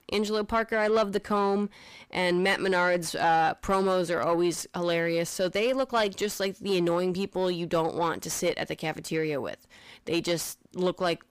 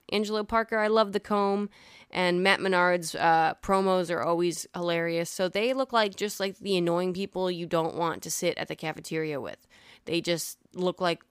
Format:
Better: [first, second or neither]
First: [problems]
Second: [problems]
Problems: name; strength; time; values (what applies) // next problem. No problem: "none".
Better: second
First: distortion; slight; 10 dB below the speech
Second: none